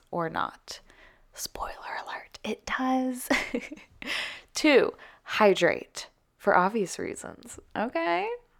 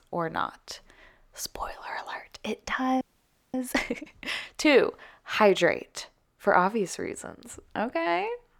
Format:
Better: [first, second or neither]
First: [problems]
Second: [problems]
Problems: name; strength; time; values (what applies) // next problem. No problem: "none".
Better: first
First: none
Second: audio freezing; at 3 s for 0.5 s